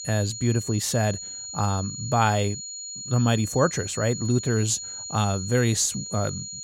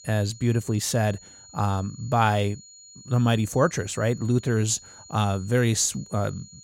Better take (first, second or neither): second